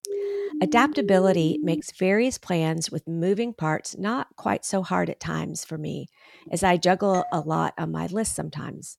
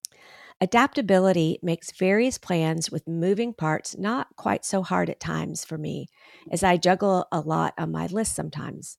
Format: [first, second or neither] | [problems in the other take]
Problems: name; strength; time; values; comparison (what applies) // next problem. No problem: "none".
second | siren; noticeable; until 2 s; peak 4 dB below the speech // doorbell; noticeable; at 7 s; peak 10 dB below the speech